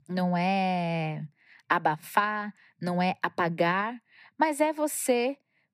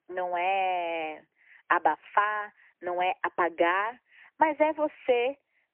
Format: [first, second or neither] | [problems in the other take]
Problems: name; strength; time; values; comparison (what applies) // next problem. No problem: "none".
first | phone-call audio; poor line; nothing above 3 kHz